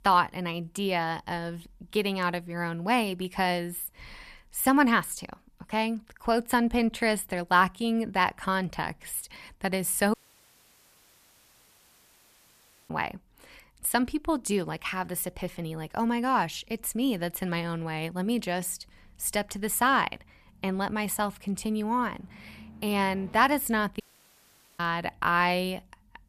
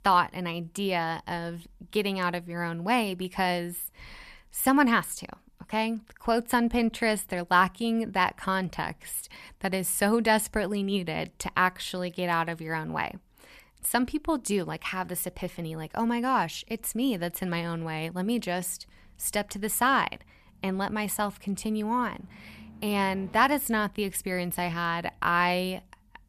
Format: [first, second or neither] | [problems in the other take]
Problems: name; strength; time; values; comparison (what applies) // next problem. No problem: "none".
second | audio cutting out; at 10 s for 3 s and at 24 s for 1 s